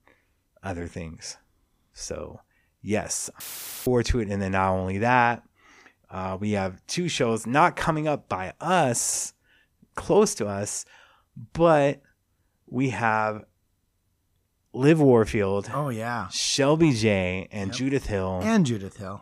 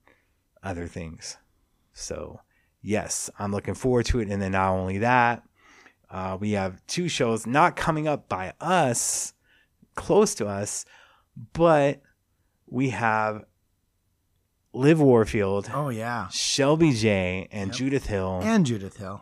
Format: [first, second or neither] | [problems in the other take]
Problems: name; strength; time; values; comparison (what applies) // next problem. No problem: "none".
second | audio cutting out; filled with static; at 3.5 s